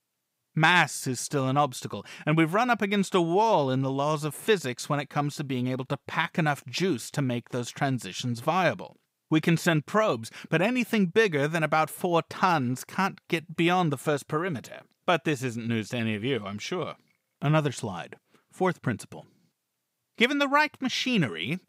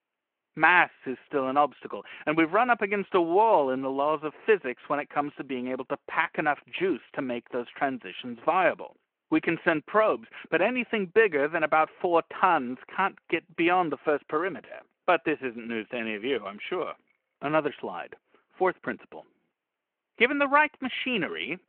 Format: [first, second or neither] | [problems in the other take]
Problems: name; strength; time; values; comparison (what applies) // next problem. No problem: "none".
first | phone-call audio